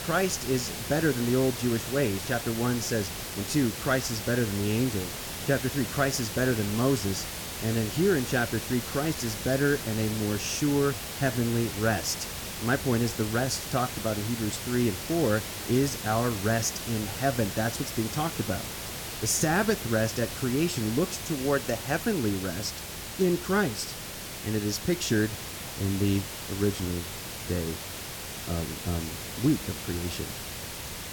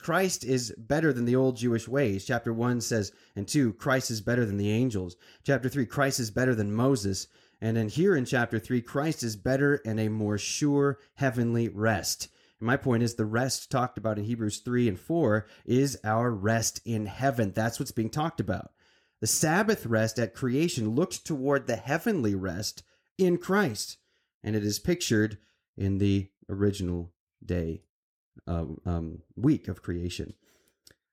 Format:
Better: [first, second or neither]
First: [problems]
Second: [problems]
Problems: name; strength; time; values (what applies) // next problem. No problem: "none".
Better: second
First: hiss; loud; throughout; 6 dB below the speech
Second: none